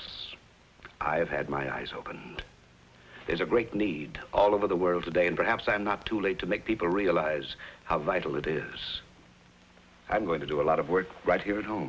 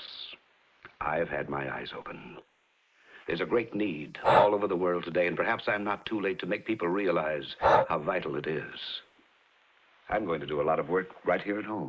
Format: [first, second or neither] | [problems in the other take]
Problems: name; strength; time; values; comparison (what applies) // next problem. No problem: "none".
first | noise reduction (neural mask model Resemble Enhance denoiser)